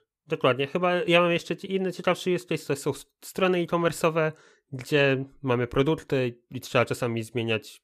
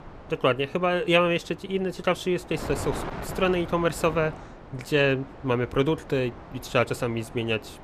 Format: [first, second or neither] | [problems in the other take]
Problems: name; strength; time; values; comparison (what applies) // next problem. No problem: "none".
first | wind noise on the microphone; occasional gusts; 15 dB below the speech